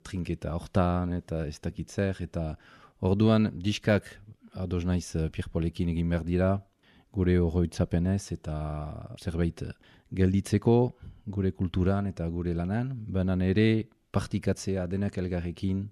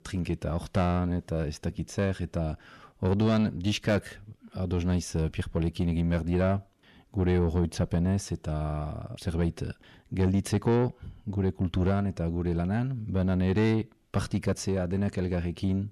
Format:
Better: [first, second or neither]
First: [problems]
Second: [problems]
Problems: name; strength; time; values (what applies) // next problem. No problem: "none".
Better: first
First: none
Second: distortion; slight; 10 dB below the speech